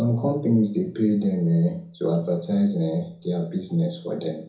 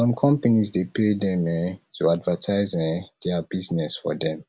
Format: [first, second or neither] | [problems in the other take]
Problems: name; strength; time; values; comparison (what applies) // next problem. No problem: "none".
second | room echo; dies away in 0.5 s